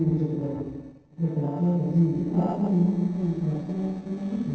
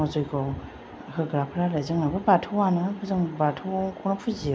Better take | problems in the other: second | noise reduction (neural separator model SepFormer DNS4)

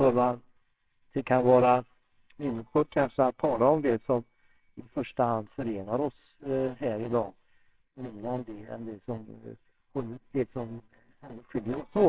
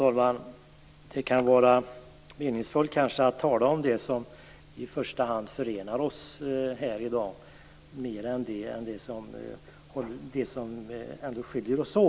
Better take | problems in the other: second | noise reduction (neural separator model SepFormer WHAMR!)

